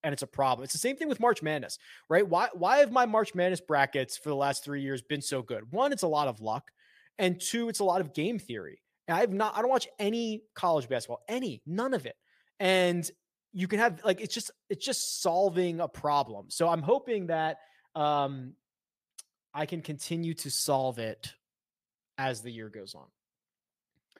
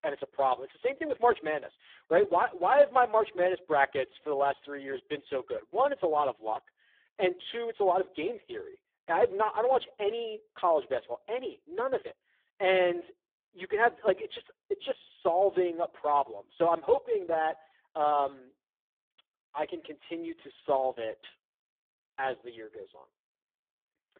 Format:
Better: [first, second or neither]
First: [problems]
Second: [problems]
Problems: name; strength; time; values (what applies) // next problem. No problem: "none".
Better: first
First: none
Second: phone-call audio; poor line